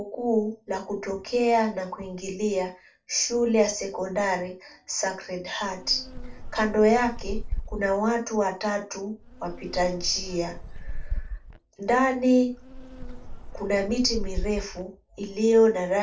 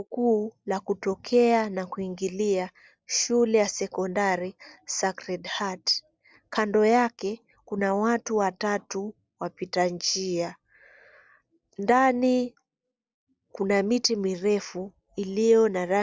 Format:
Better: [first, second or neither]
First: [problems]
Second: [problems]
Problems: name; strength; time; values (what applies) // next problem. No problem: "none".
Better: second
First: background sound (Insect); 7 dB below the speech // room echo; dies away in 0.2 s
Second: none